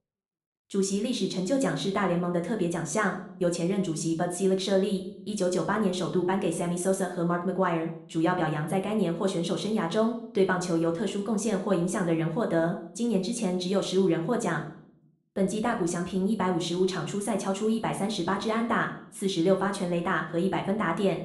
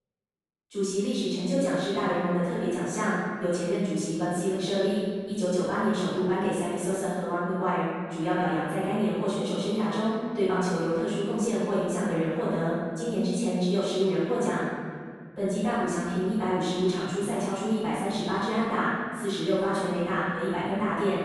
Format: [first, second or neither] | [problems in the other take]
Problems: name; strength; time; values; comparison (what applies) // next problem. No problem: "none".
first | room echo; strong; dies away in 1.8 s; slight in the first // off-mic speech; far